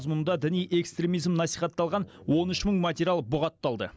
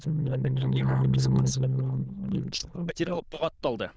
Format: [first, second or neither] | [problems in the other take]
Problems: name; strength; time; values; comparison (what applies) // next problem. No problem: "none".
first | noise reduction (neural diffusion model UNIVERSE++)